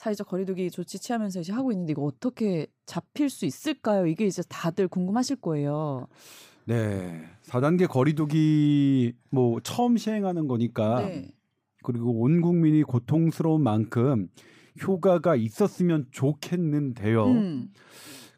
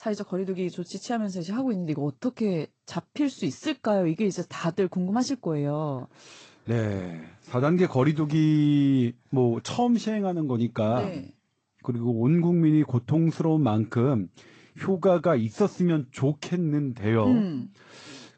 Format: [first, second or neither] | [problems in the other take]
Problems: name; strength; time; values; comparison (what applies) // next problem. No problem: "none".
first | garbled, watery; slightly; nothing above 8 kHz